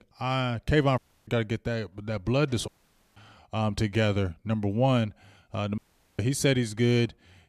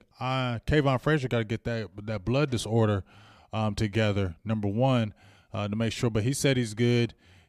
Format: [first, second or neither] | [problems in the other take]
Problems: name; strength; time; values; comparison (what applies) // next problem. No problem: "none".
second | audio cutting out; at 1 s, at 2.5 s and at 6 s